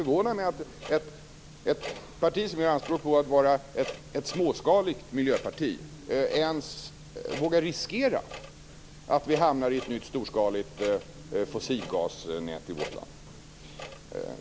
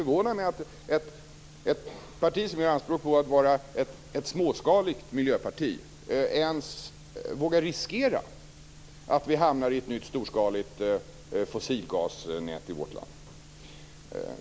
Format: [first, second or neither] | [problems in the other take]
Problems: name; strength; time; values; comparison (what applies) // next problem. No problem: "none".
second | background sound (Clock); 17 dB below the speech